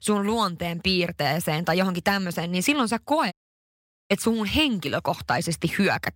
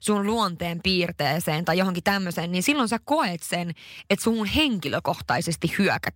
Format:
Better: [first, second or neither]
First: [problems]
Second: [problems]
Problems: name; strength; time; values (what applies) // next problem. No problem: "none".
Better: second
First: audio cutting out; at 3.5 s for 1 s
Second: none